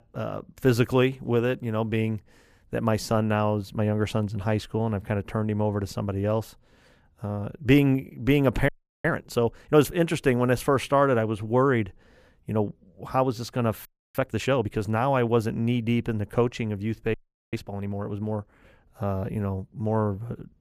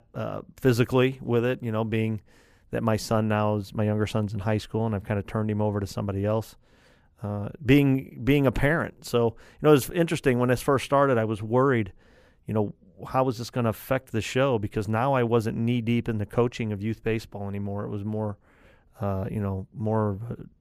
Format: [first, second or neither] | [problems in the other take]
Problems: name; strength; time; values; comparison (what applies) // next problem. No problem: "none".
second | audio freezing; at 8.5 s, at 14 s and at 17 s